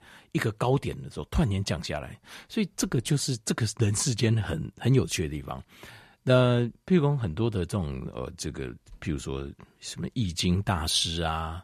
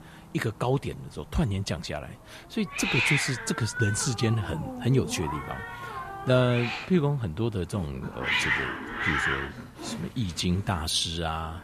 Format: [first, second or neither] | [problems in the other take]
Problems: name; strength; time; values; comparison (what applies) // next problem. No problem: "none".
first | hiss; loud; throughout; 2 dB below the speech